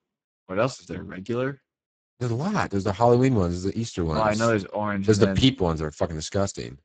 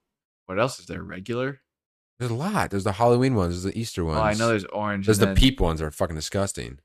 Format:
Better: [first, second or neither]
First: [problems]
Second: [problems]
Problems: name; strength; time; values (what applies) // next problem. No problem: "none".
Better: second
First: garbled, watery; badly; nothing above 7.5 kHz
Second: none